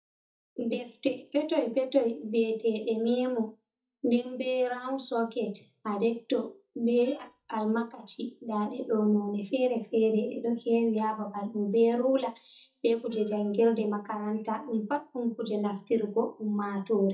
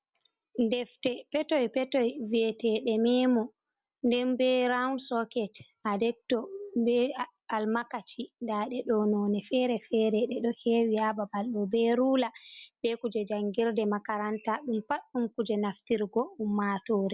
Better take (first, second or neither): second